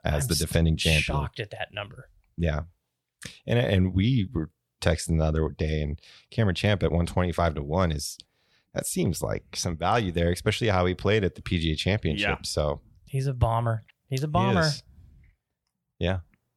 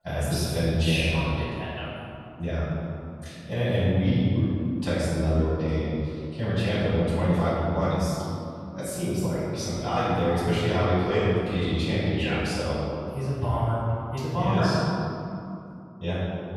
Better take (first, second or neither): first